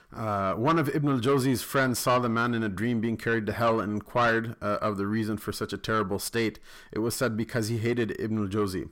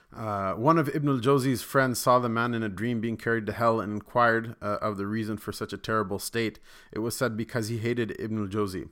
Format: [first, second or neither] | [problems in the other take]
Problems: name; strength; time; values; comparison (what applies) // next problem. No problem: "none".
second | distortion; slight; 10 dB below the speech